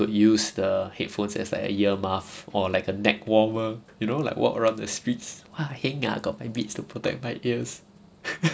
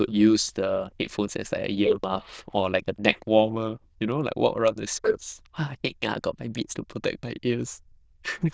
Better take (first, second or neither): first